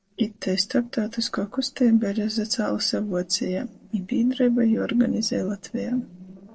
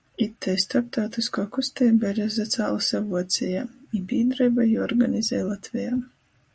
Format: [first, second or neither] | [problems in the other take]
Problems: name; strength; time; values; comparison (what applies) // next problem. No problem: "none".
second | noise reduction (neural separator model SepFormer DNS4)